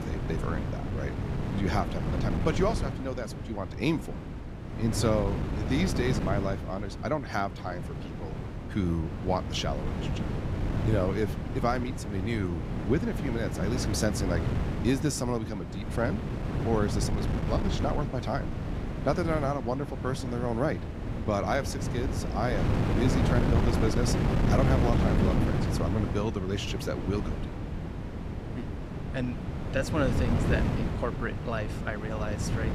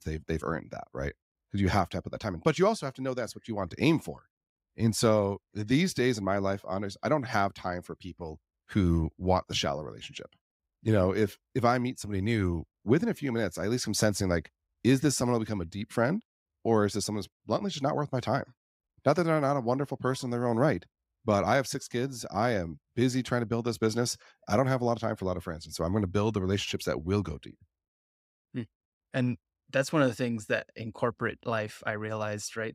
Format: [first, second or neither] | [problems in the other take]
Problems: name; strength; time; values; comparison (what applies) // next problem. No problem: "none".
second | wind noise on the microphone; heavy; 4 dB below the speech